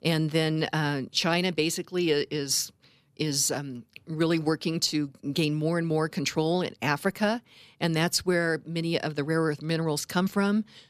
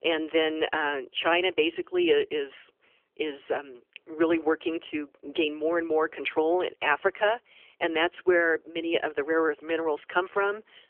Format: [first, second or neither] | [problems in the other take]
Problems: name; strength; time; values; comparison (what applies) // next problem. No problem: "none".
first | phone-call audio; nothing above 3 kHz